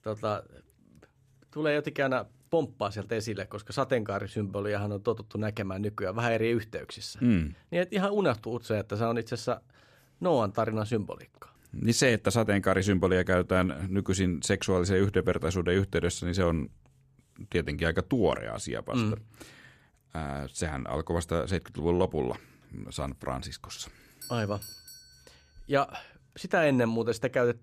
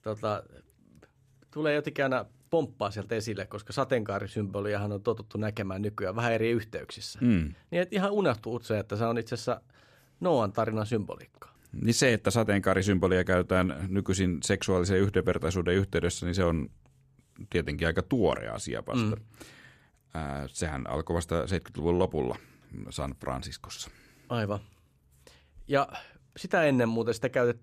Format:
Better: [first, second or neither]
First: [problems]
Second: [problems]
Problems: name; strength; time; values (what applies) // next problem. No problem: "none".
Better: second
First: doorbell; faint; at 24 s; peak 15 dB below the speech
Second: none